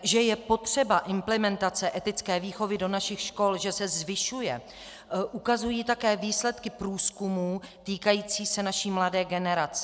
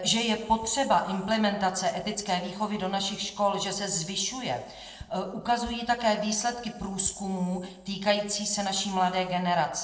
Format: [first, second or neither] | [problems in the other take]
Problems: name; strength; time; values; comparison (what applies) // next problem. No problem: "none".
first | noise reduction (neural separator model SepFormer DNS4)